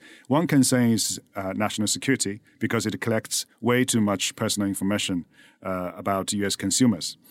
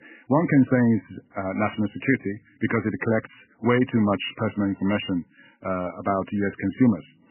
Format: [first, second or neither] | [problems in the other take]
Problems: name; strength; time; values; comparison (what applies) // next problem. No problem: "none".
first | garbled, watery; badly; nothing above 3 kHz